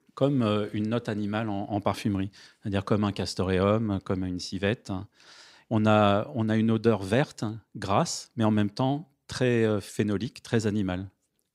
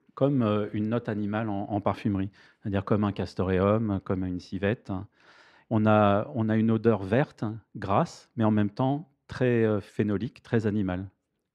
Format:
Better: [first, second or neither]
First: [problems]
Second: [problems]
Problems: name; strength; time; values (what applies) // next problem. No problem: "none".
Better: first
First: none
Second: muffled; slightly; fading above 3.5 kHz